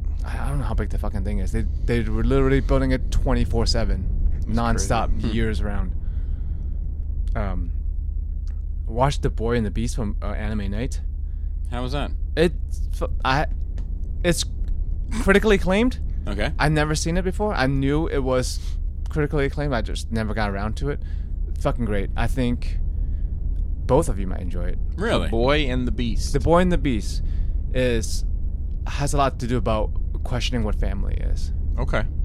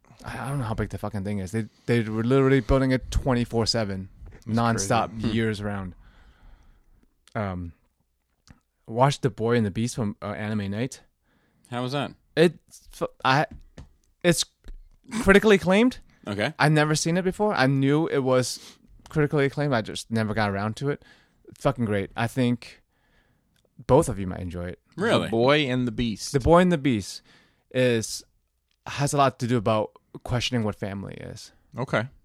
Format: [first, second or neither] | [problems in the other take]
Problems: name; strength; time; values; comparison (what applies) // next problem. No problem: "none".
second | low rumble; faint; throughout; 20 dB below the speech